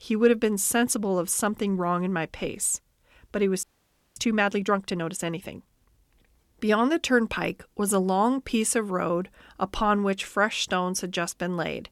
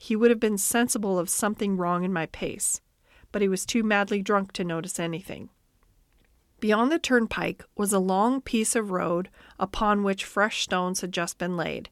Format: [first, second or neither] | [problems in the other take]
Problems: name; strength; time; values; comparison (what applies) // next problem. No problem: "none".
second | audio freezing; at 3.5 s for 0.5 s